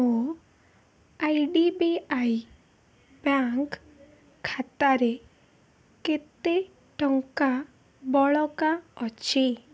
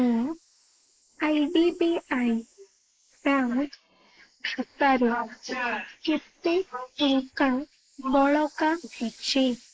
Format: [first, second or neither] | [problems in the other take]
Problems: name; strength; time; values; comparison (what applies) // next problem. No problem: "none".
first | noise reduction (neural mask model Resemble Enhance denoiser)